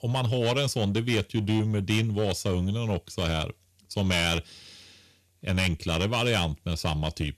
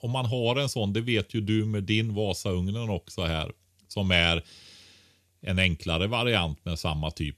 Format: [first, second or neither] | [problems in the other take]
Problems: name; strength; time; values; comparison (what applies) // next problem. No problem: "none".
second | distortion; slight; 11% of the sound clipped